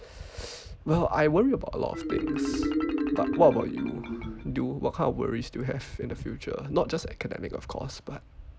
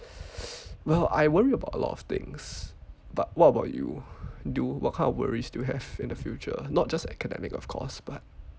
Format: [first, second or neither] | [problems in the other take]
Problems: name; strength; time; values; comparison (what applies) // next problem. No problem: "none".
second | background sound (Marimba, xylophone); 6 dB below the speech